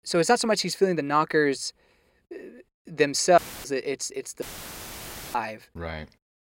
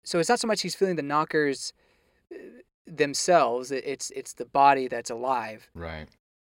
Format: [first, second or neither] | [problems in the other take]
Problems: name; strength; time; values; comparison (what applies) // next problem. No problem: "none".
second | audio cutting out; filled with static; at 3.5 s and at 4.5 s for 1 s